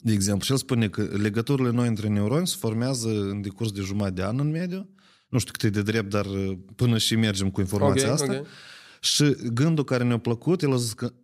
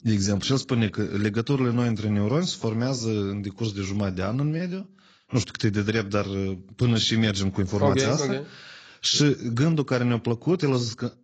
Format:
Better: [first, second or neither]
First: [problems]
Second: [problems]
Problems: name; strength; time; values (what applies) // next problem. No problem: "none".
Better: first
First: none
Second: garbled, watery; badly; nothing above 7.5 kHz